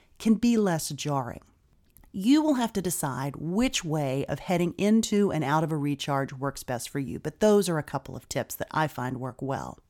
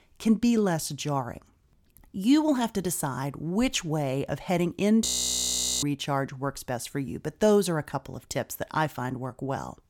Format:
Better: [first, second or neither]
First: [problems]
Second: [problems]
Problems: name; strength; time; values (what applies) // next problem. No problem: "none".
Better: first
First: none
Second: audio freezing; at 5 s for 1 s